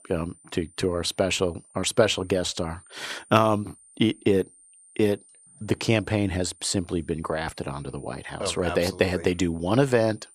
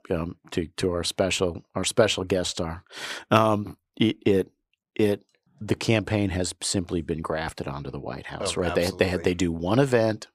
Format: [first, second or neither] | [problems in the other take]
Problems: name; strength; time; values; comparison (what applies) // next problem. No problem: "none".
second | high-pitched whine; faint; throughout; 9 kHz, 25 dB below the speech